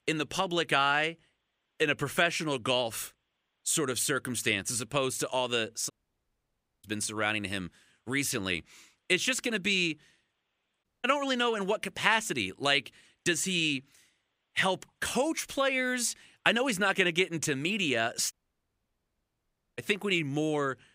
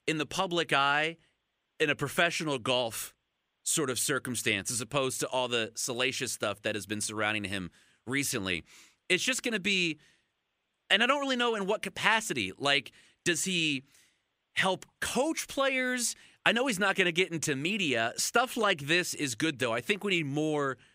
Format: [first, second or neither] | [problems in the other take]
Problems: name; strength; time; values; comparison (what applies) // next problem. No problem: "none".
second | audio cutting out; at 6 s for 1 s, at 11 s and at 18 s for 1.5 s